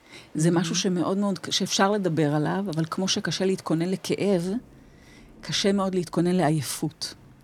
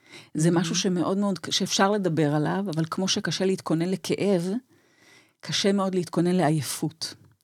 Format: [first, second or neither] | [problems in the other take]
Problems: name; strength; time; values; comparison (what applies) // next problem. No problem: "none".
second | rain or running water; faint; throughout; 30 dB below the speech